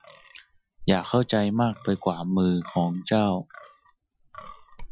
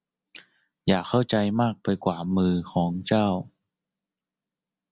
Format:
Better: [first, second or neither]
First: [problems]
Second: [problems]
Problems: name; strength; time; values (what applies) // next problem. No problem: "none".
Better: second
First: noise reduction (classical method Wiener filter)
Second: none